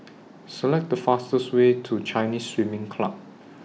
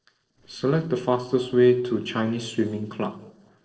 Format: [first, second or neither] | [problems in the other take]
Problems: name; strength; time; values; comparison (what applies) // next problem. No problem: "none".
first | noise reduction (neural separator model SepFormer DNS4)